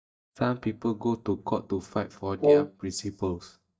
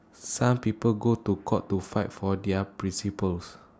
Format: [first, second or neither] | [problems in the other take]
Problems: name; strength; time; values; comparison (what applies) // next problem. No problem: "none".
second | noise reduction (neural mask model DeepFilterNet 3)